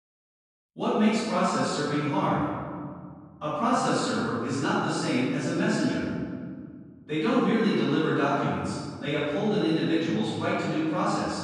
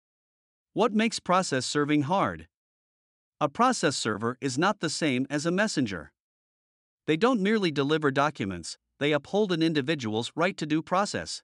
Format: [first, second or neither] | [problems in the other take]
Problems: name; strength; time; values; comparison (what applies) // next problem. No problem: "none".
second | off-mic speech; far // room echo; strong; dies away in 2 s